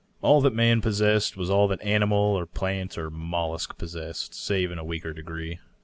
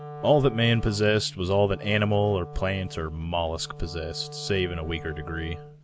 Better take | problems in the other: first | background sound (Wind instrument, woodwind instrument); 15 dB below the speech

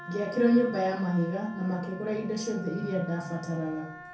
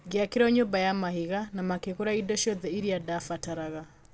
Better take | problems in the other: second | background sound (Wind instrument, woodwind instrument); 16 dB below the speech // room echo; dies away in 0.5 s

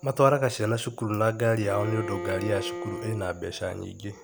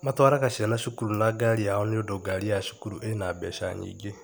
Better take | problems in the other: second | background sound (Bowed string instrument); 9 dB below the speech

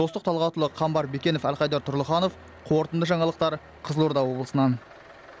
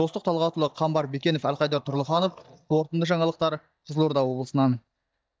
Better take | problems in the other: first | noise reduction (neural mask model DeepFilterNet 3)

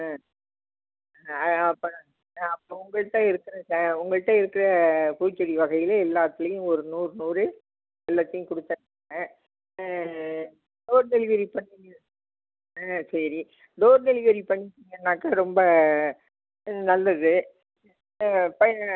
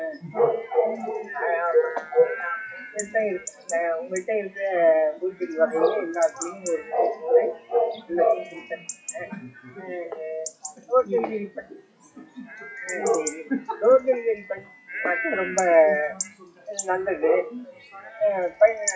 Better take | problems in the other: first | noise reduction (classical method WPE with log-MMSE)

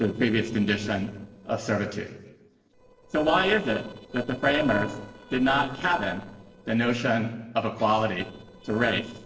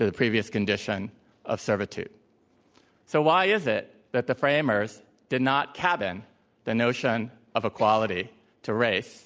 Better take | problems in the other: second | noise reduction (neural separator model SepFormer DNS4)

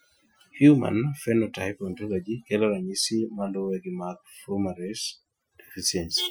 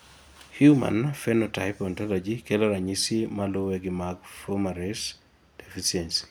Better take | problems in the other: second | noise reduction (classical method Wiener filter)

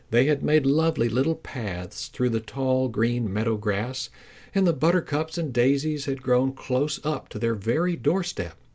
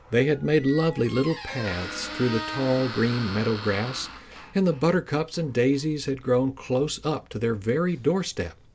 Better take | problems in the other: first | background sound (Squeak); 14 dB below the speech

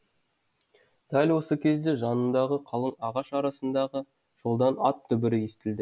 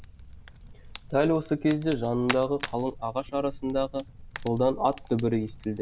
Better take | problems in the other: first | background sound (Fire); 13 dB below the speech

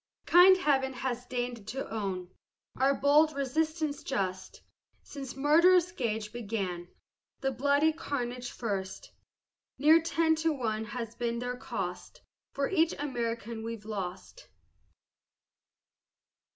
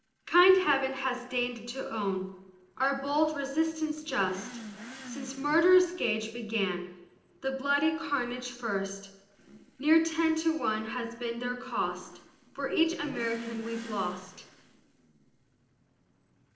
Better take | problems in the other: first | noise reduction (neural separator model SepFormer DNS4)

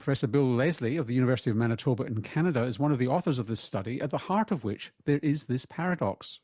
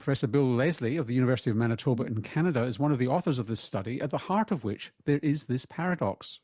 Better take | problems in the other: first | background sound (Brass instrument); 14 dB below the speech

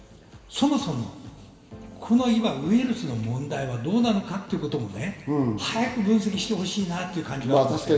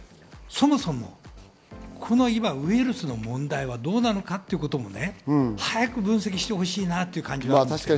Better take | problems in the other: second | room echo; dies away in 2.3 s

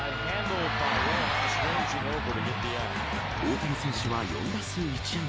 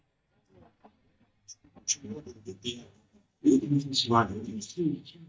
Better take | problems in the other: first | noise reduction (neural mask model DeepFilterNet 3)

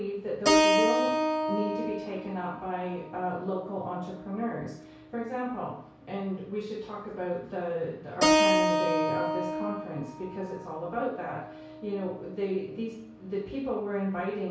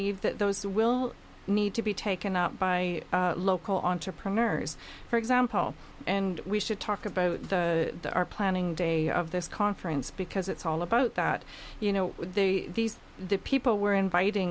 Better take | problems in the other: second | background sound (Keyboard (musical)); 2 dB above the speech // room echo; dies away in 0.6 s

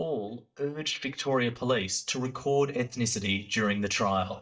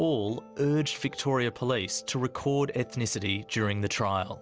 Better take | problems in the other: second | noise reduction (neural mask model DeepFilterNet 3)

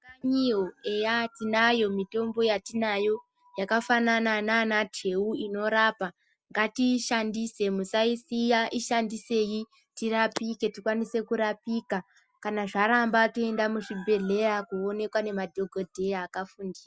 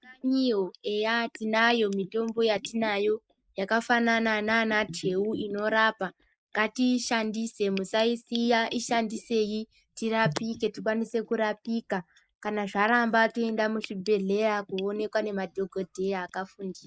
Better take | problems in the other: first | noise reduction (neural mask model Resemble Enhance denoiser)

